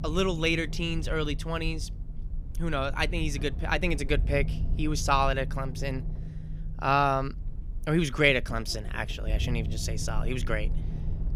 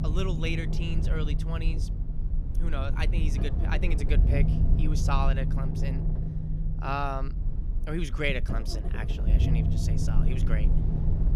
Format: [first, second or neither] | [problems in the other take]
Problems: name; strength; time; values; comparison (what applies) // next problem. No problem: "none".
first | low rumble; loud; throughout; 6 dB below the speech; faint in the first